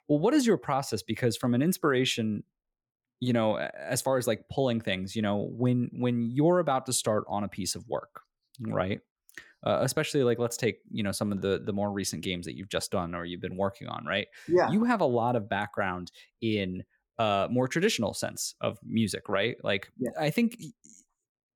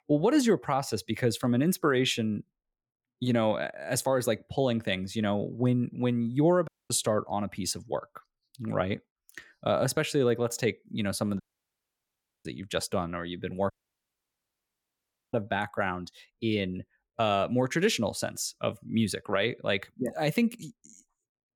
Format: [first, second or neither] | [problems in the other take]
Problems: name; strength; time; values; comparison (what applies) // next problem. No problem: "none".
first | audio cutting out; at 6.5 s, at 11 s for 1 s and at 14 s for 1.5 s